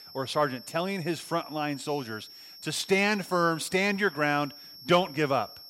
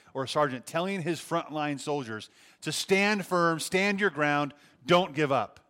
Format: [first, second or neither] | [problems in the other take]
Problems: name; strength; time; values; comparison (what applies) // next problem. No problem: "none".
second | high-pitched whine; noticeable; throughout; 5.5 kHz, 15 dB below the speech